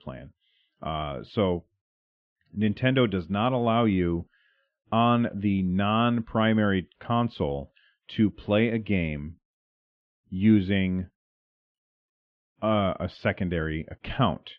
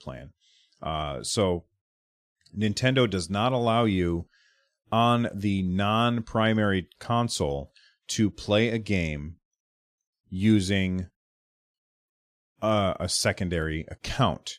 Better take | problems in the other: second | muffled; very; fading above 3 kHz

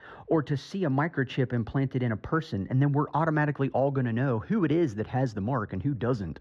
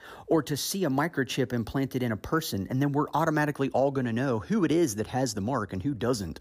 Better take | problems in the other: second | muffled; slightly; fading above 2 kHz

